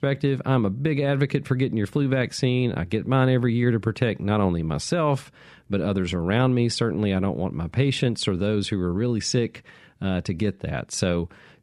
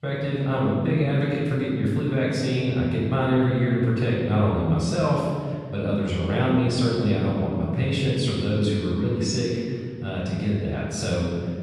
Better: first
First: none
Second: room echo; strong; dies away in 1.7 s // off-mic speech; far

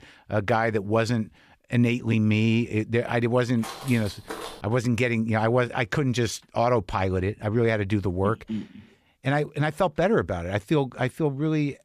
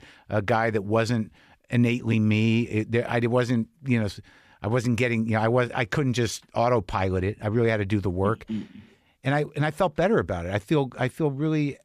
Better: second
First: footsteps; faint; from 3.5 to 4.5 s; peak 10 dB below the speech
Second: none

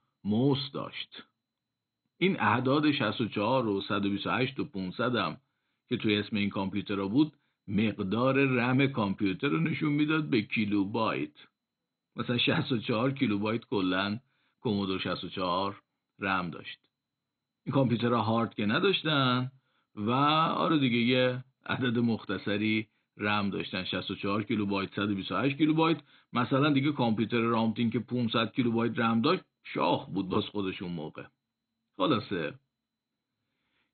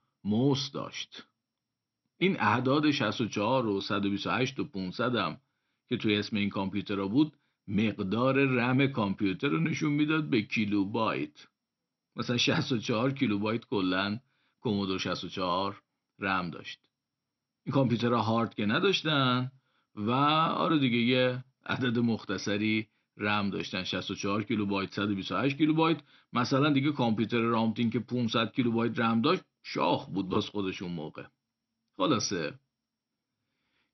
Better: second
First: garbled, watery; badly; nothing above 4 kHz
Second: garbled, watery; slightly; nothing above 6 kHz

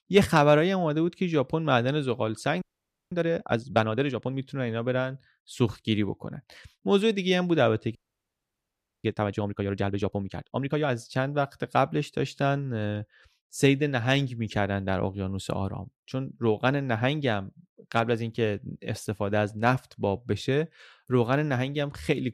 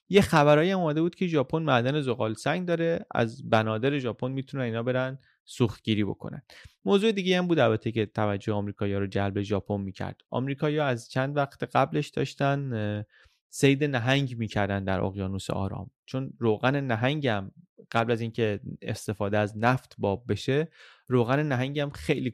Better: second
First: audio freezing; at 2.5 s and at 8 s for 1 s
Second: none

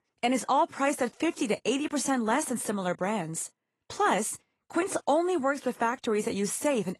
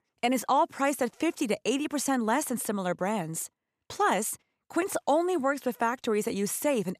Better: second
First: garbled, watery; slightly; nothing above 11.5 kHz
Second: none

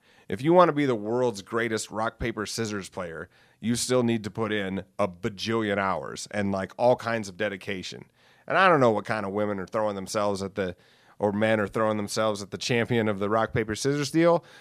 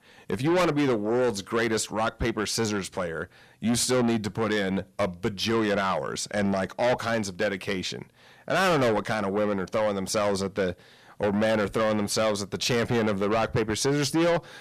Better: first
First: none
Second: distortion; heavy; 6 dB below the speech

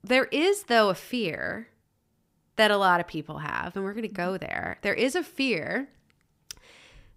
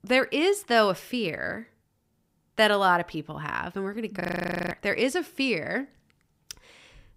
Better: first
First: none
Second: audio freezing; at 4 s for 0.5 s

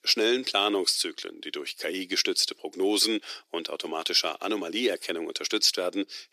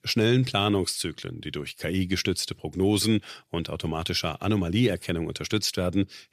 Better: second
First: thin; somewhat; fading below 300 Hz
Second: none

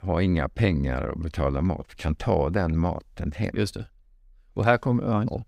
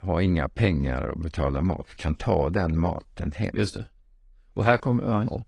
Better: first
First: none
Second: garbled, watery; slightly; nothing above 10 kHz

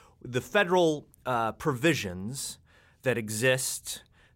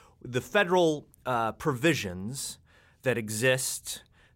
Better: neither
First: none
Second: none

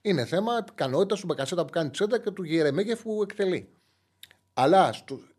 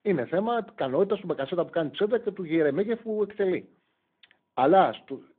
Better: first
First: none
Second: phone-call audio

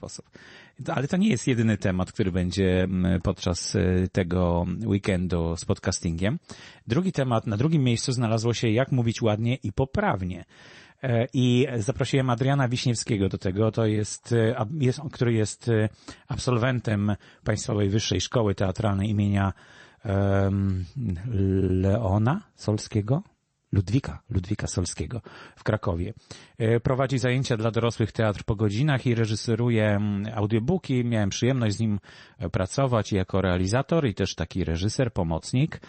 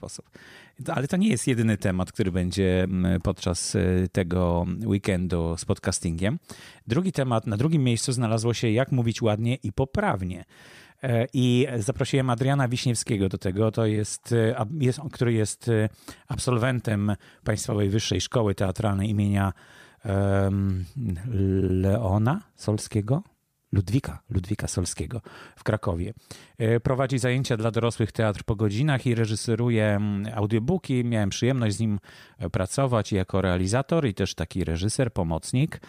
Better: second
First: garbled, watery; slightly; nothing above 8 kHz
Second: none

